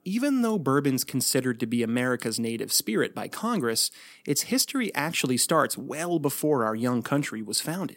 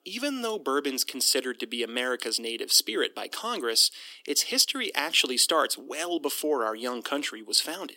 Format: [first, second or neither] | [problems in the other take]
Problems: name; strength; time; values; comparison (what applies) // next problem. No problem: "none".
first | thin; somewhat; fading below 300 Hz